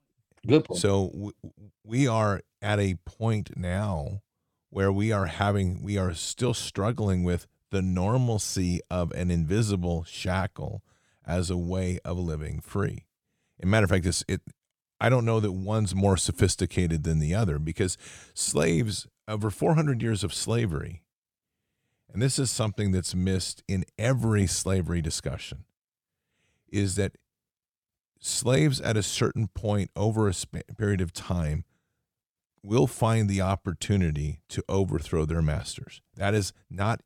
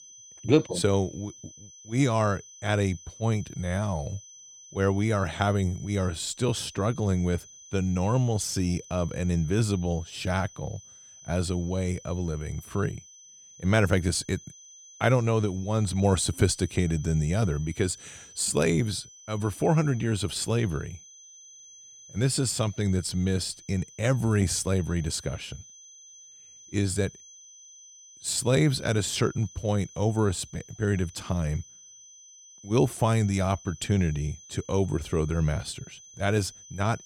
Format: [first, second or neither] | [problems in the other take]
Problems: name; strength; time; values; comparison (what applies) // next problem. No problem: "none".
first | high-pitched whine; noticeable; throughout; 6 kHz, 20 dB below the speech